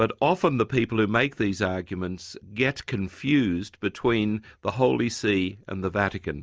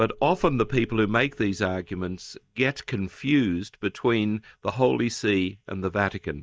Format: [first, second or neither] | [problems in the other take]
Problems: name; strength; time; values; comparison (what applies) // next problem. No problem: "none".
first | noise reduction (neural mask model DeepFilterNet 3)